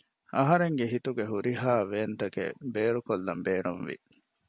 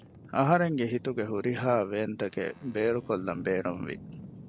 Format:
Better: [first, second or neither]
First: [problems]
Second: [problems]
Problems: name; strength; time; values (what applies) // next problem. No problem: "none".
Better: first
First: none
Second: background sound (Boat, Water vehicle); 18 dB below the speech